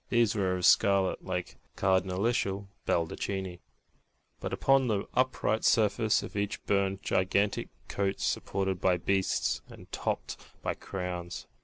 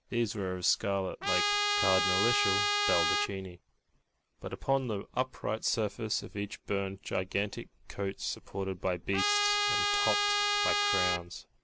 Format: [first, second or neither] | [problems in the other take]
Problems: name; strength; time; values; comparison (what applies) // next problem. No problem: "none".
first | background sound (Trumpet); 4 dB above the speech